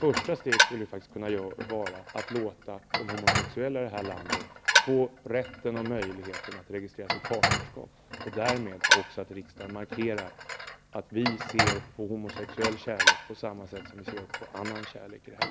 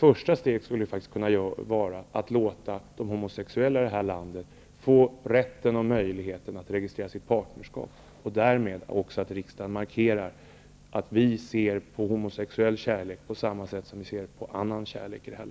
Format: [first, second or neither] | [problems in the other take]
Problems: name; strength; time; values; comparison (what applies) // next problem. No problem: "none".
second | background sound (Dishes, pots, and pans); 3 dB above the speech